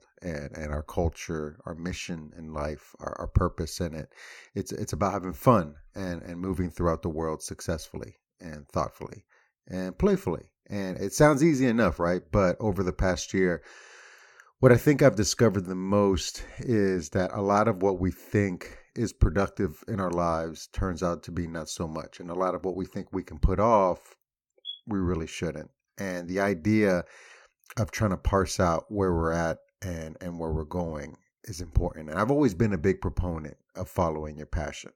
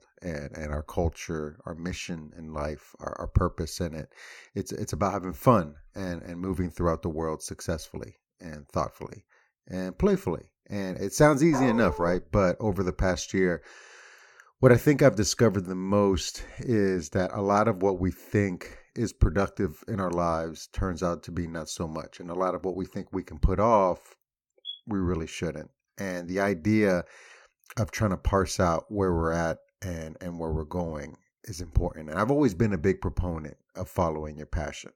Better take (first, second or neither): first